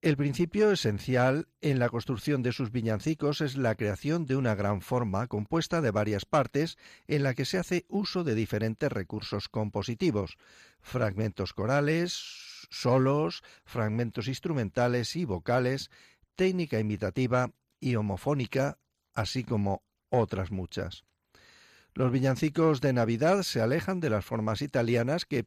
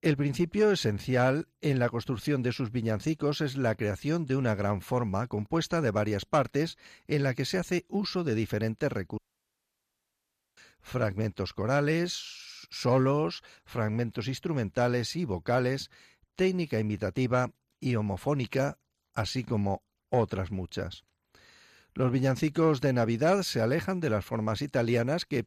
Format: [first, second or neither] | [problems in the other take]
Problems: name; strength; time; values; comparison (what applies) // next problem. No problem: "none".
first | audio cutting out; at 9 s for 1.5 s